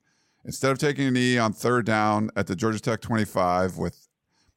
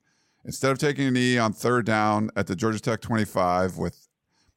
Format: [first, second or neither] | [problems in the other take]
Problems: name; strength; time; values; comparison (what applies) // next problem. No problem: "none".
neither | none